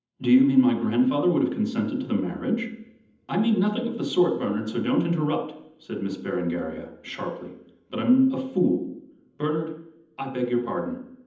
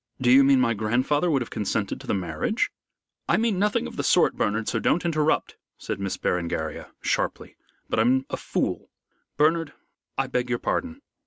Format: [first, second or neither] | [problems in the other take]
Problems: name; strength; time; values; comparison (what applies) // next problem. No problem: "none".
second | room echo; dies away in 0.8 s